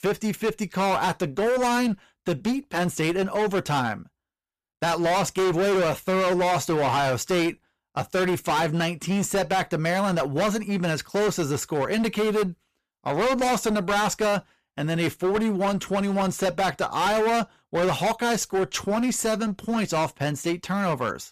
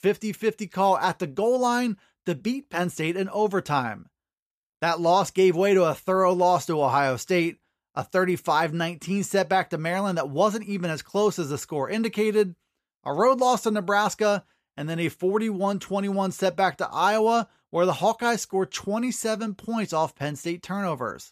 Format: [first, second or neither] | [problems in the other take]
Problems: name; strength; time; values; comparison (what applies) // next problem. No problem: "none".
second | distortion; heavy; 24% of the sound clipped